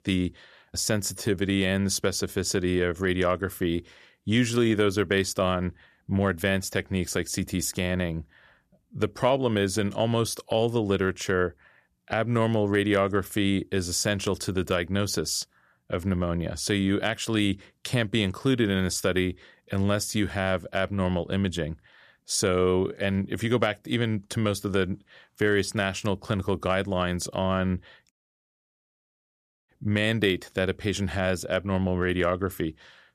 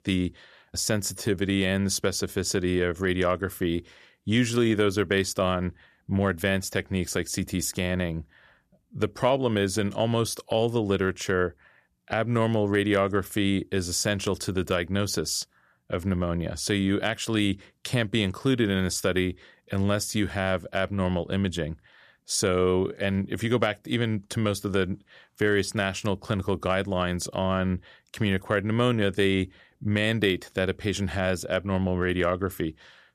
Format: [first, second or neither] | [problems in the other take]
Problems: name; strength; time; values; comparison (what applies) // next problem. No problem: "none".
second | audio cutting out; at 28 s for 1.5 s